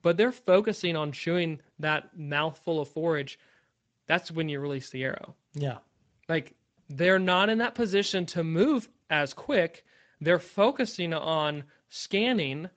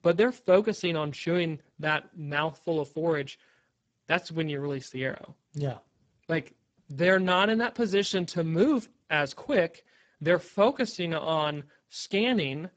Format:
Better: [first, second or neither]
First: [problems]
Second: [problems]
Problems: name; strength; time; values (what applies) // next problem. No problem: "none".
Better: first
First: garbled, watery; slightly; nothing above 7.5 kHz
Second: garbled, watery; badly; nothing above 7.5 kHz